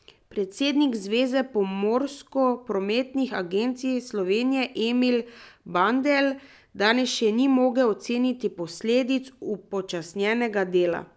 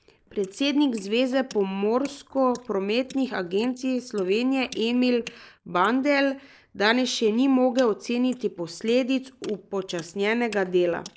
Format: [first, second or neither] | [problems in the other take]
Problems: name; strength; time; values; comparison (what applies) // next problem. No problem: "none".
first | noise reduction (neural mask model Resemble Enhance denoiser)